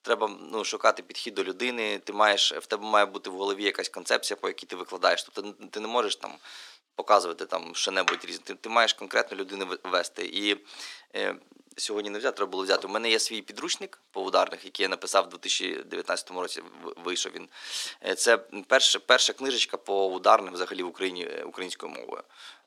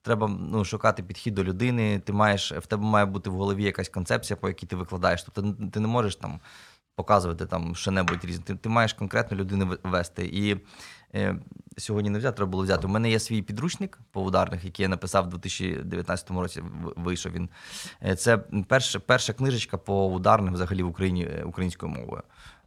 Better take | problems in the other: second | thin; very; fading below 300 Hz

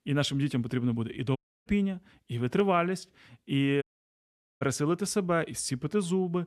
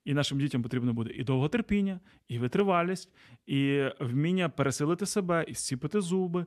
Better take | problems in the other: second | audio cutting out; at 1.5 s and at 4 s for 1 s

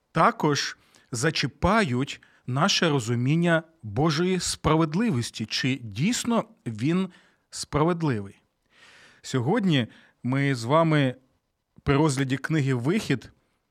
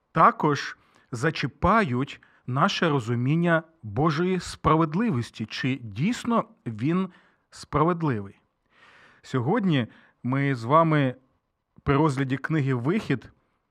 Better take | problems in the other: first | muffled; slightly; fading above 3.5 kHz

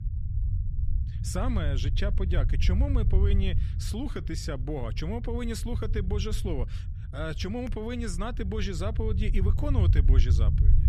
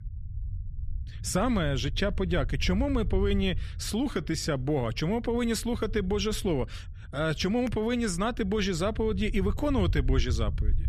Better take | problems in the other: second | low rumble; loud; throughout; 9 dB below the speech; faint in the second

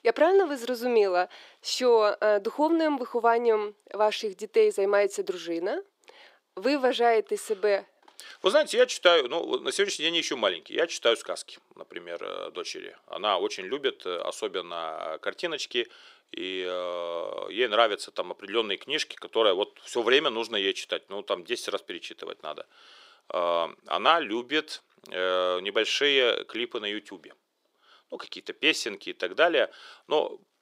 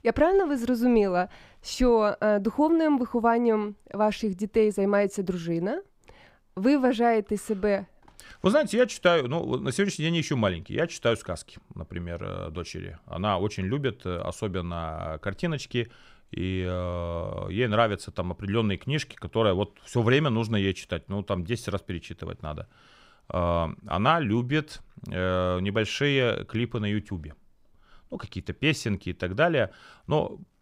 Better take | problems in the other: second | thin; somewhat; fading below 350 Hz

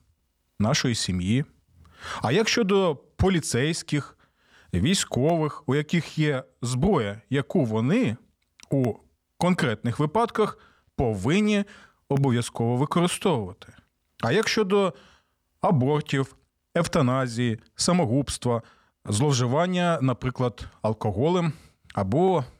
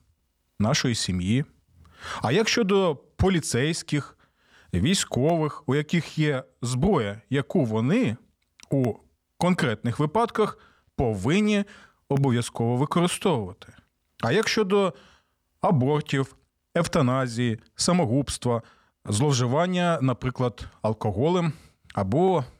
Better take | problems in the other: neither | none

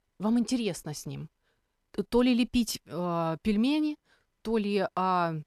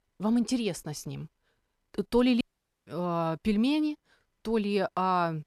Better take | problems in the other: first | audio cutting out; at 2.5 s

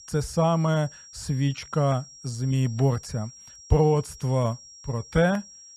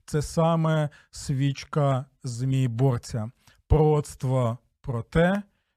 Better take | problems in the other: second | high-pitched whine; noticeable; throughout; 5.5 kHz, 20 dB below the speech

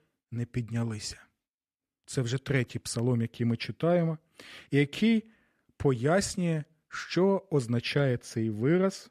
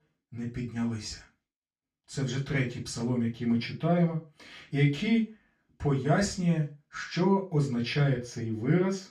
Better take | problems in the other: first | room echo; slight; dies away in 0.2 s // off-mic speech; far

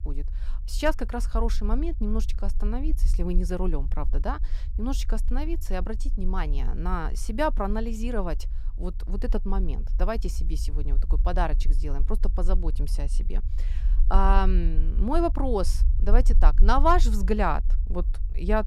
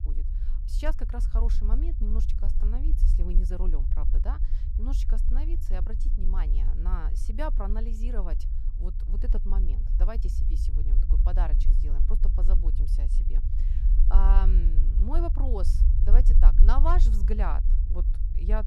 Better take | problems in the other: first | low rumble; loud; throughout; 10 dB below the speech; faint in the first

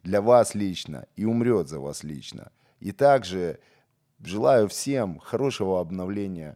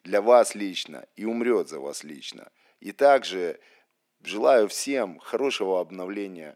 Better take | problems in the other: first | thin; very slightly; fading below 250 Hz

